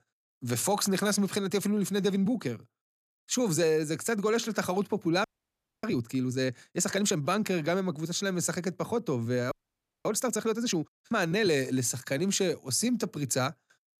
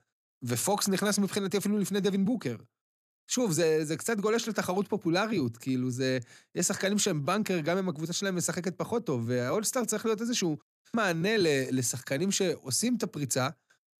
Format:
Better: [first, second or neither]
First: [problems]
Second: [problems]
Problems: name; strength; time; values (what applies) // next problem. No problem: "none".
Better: second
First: audio freezing; at 5 s for 0.5 s and at 9.5 s for 0.5 s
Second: none